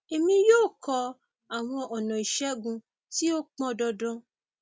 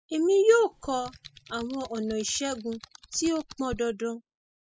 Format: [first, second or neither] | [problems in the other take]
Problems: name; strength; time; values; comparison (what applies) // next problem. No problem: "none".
first | noise reduction (classical method spectral subtraction)